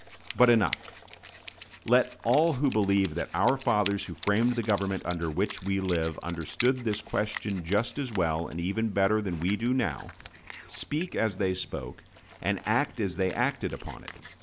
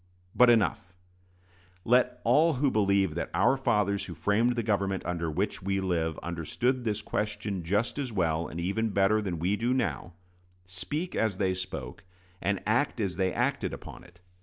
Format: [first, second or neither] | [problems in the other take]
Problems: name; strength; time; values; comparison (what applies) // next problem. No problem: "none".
second | background sound (Wind instrument, woodwind instrument); 17 dB below the speech